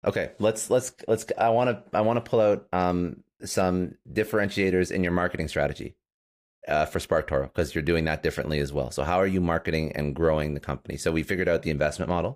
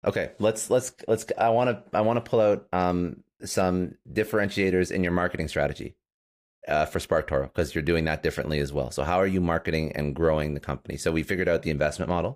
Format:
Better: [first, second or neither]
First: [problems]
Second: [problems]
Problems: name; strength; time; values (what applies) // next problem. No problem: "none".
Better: neither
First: none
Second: none